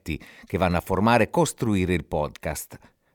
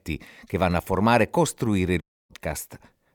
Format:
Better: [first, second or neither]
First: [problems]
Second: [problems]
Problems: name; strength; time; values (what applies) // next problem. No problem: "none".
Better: first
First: none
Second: audio cutting out; at 2 s